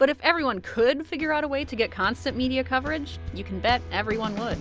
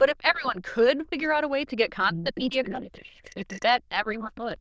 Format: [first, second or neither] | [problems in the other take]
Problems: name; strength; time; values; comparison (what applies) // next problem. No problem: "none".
first | noise reduction (neural diffusion model UNIVERSE++)